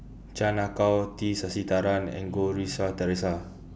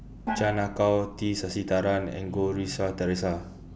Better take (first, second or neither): first